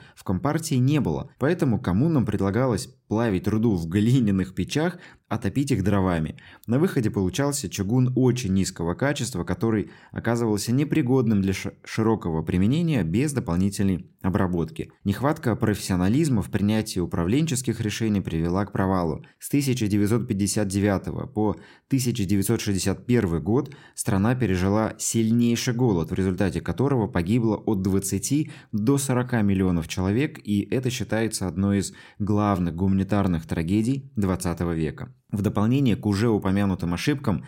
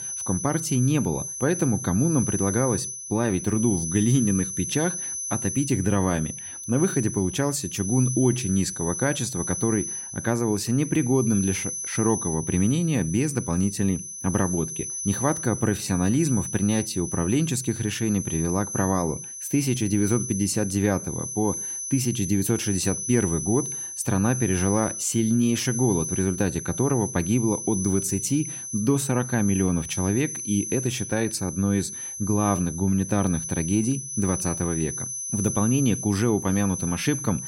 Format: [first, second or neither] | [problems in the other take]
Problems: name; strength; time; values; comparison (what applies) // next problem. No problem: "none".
first | high-pitched whine; loud; throughout; 6 kHz, 6 dB below the speech